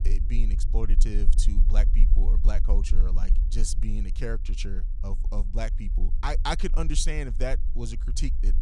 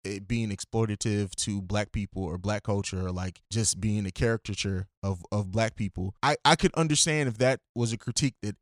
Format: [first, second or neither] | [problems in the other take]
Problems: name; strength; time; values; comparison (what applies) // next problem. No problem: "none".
second | low rumble; noticeable; throughout; 15 dB below the speech